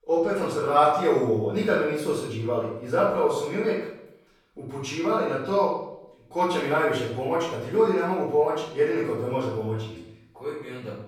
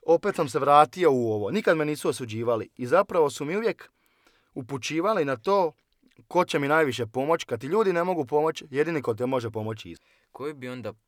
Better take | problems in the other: second | off-mic speech; far // room echo; noticeable; dies away in 0.6 s

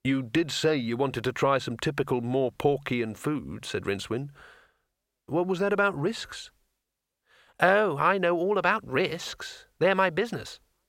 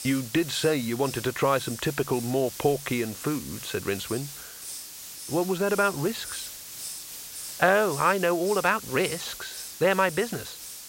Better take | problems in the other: first | hiss; noticeable; throughout; 10 dB below the speech

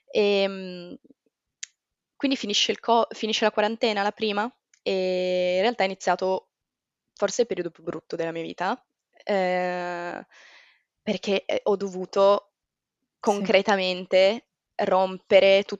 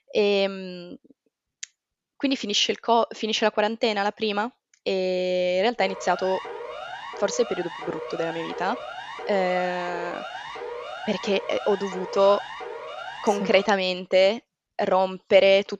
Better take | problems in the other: first | siren; faint; from 6 to 14 s; peak 10 dB below the speech

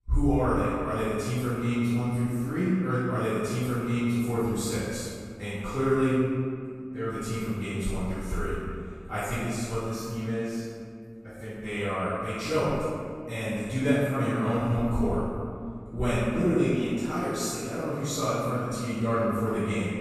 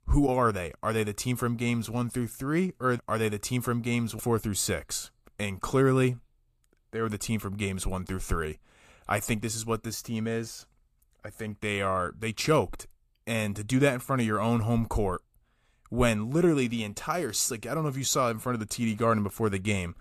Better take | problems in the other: second | off-mic speech; far // room echo; strong; dies away in 2.1 s

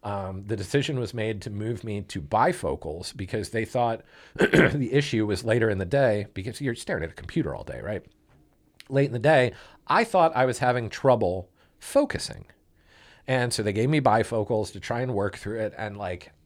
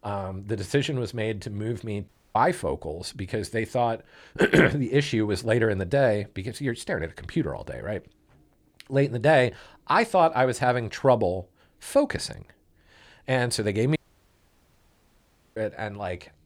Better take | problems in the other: first | audio cutting out; at 2 s and at 14 s for 1.5 s

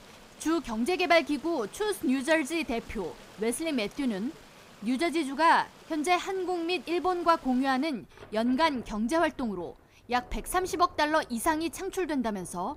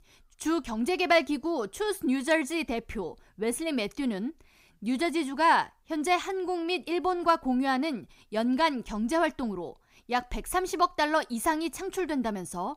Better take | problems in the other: second | rain or running water; faint; throughout; 25 dB below the speech

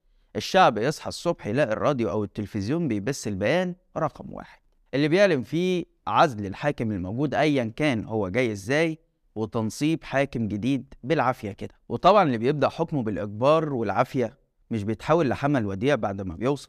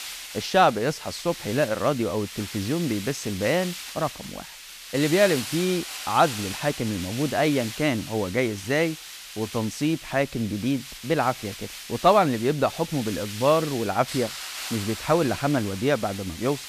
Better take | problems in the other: first | hiss; noticeable; throughout; 10 dB below the speech

